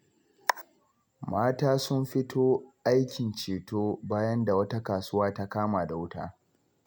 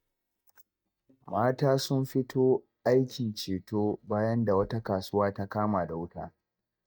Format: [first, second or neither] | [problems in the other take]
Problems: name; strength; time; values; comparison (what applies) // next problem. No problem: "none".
first | noise reduction (neural mask model DeepFilterNet 3)